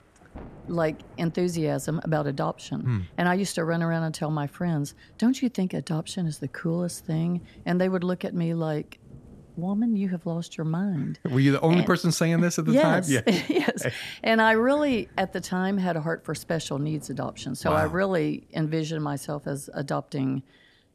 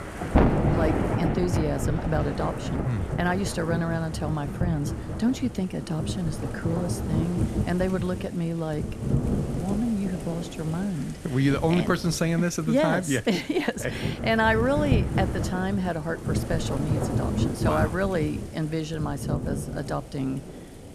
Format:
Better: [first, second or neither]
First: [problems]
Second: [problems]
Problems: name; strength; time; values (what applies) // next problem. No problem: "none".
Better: first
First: rain or running water; faint; throughout; 25 dB below the speech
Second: rain or running water; loud; throughout; 2 dB below the speech